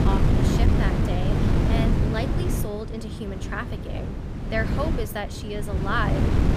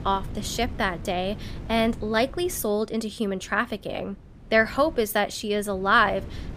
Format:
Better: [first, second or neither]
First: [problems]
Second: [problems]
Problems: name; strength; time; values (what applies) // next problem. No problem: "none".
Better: second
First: wind noise on the microphone; heavy; 1 dB below the speech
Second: wind noise on the microphone; occasional gusts; 25 dB below the speech